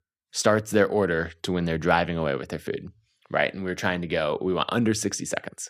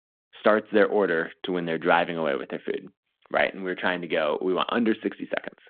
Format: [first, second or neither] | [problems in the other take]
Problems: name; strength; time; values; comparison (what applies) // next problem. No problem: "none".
first | phone-call audio